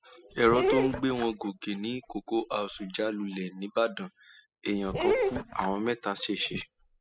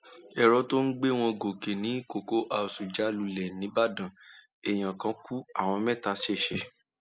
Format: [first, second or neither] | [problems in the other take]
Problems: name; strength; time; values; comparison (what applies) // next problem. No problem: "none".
second | noise reduction (classical method spectral subtraction)